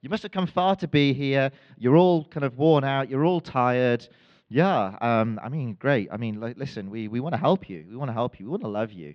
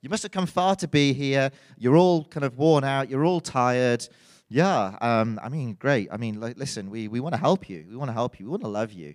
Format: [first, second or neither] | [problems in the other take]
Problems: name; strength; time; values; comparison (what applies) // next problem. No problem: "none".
second | muffled; slightly; fading above 3.5 kHz